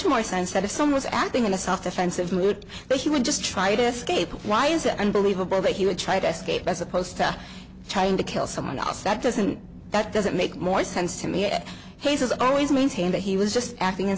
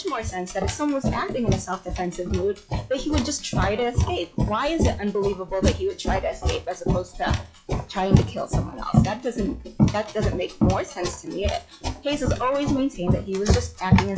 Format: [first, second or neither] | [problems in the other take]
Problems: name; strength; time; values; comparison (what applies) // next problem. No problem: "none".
first | noise reduction (classical method log-MMSE)